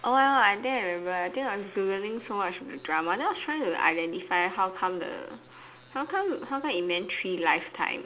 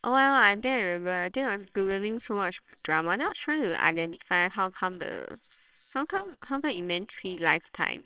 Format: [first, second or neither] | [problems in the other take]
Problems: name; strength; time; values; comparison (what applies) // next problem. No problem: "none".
first | noise reduction (neural separator model SepFormer WHAMR!)